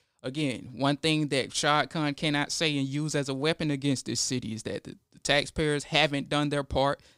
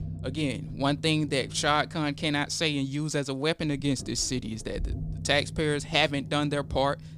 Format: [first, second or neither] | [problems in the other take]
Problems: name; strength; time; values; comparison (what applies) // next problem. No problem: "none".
first | low rumble; faint; throughout; 25 dB below the speech